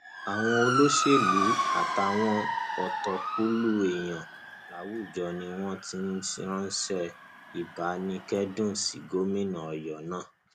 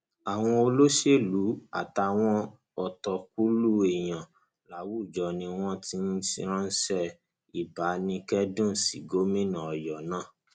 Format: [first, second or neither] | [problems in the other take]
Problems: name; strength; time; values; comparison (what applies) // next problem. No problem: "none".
second | background sound (Motor vehicle (road) / Siren); 3 dB below the speech